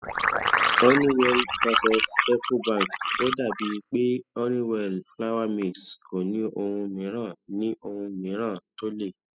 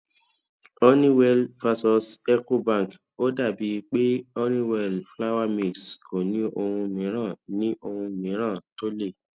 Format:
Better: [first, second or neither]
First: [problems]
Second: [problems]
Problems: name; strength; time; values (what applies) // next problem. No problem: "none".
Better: second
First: noise reduction (classical method spectral subtraction)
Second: none